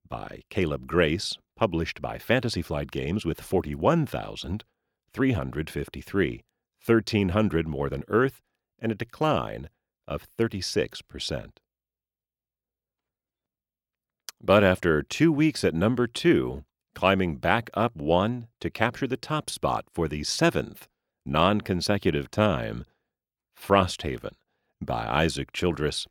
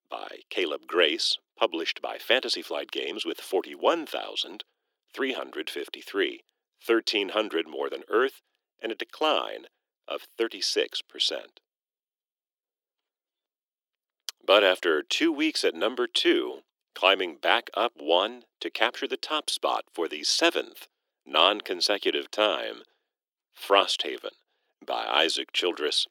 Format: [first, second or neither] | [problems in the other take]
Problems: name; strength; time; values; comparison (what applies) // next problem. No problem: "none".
first | thin; very; fading below 300 Hz